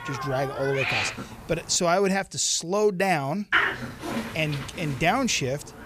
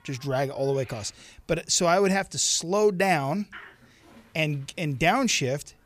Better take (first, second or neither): second